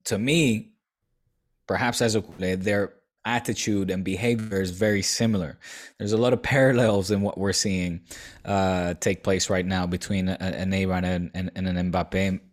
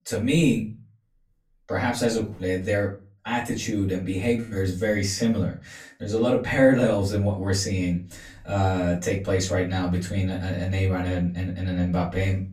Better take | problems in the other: first | off-mic speech; far // room echo; very slight; dies away in 0.3 s

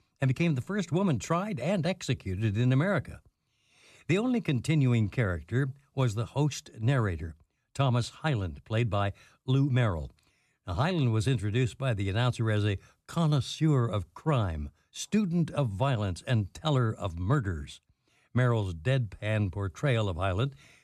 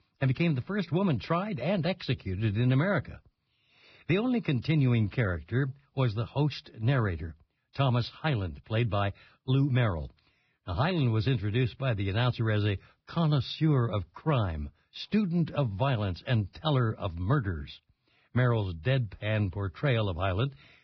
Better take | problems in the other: first | garbled, watery; badly; nothing above 5.5 kHz

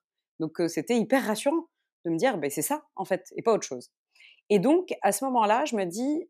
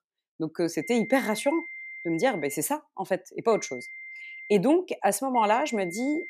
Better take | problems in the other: first | high-pitched whine; noticeable; from 1 to 2.5 s, from 3.5 to 4.5 s and at 5.5 s; 2 kHz, 10 dB below the speech

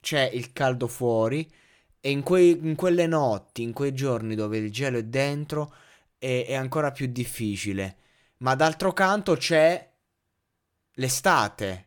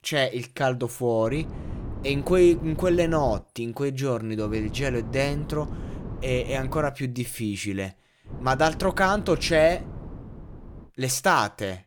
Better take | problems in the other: first | wind noise on the microphone; occasional gusts; from 1.5 to 3.5 s, from 4.5 to 7 s and from 8.5 to 11 s; 20 dB below the speech

